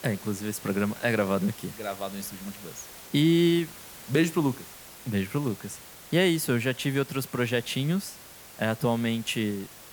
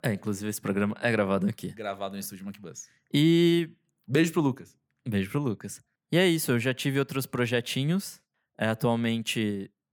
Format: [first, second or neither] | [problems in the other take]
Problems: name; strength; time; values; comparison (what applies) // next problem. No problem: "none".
second | hiss; noticeable; throughout; 15 dB below the speech